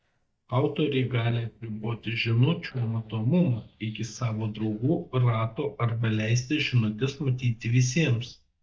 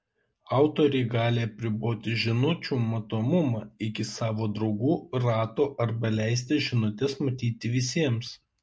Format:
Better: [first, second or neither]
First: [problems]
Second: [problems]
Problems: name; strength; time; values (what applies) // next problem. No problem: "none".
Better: second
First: noise reduction (neural mask model DeepFilterNet 3)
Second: none